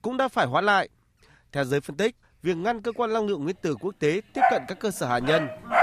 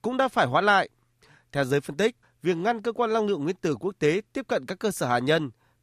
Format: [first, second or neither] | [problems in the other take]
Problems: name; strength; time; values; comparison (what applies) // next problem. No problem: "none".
second | animal sounds; very loud; throughout; as loud as the speech